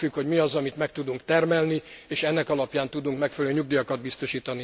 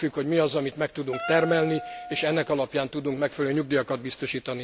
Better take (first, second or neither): first